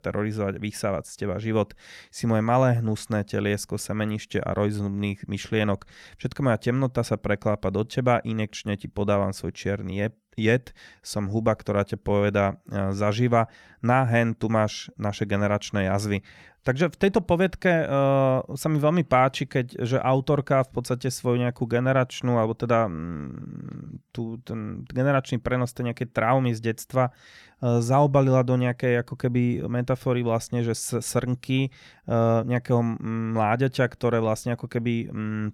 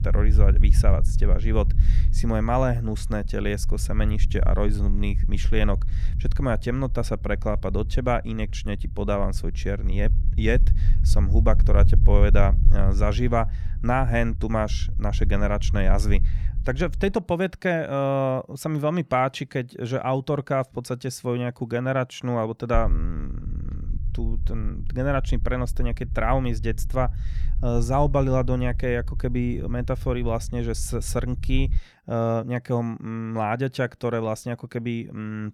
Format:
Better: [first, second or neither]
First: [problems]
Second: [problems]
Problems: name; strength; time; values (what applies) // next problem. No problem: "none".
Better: first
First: none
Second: low rumble; noticeable; until 17 s and from 23 to 32 s; 15 dB below the speech